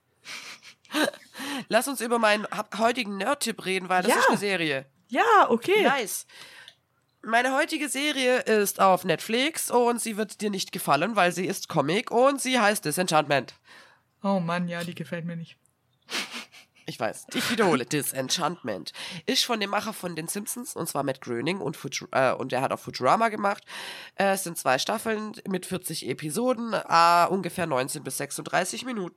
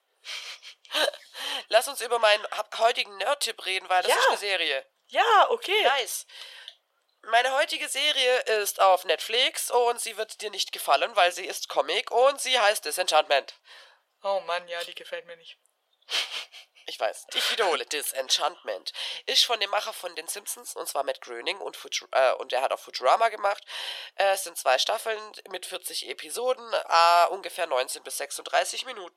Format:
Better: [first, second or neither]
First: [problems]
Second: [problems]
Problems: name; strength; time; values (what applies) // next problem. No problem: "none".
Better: first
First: none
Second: thin; very; fading below 500 Hz